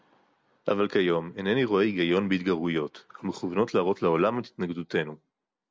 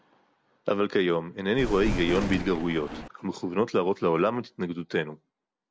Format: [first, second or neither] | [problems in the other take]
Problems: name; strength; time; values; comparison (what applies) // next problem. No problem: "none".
first | background sound (Thunder); 4 dB below the speech